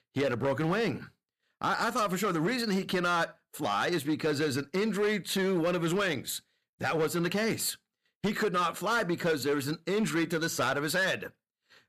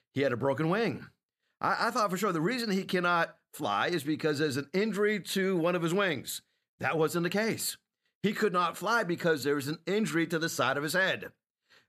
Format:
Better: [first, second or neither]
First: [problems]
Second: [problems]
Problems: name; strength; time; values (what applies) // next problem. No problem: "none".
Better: second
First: distortion; slight; 10% of the sound clipped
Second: none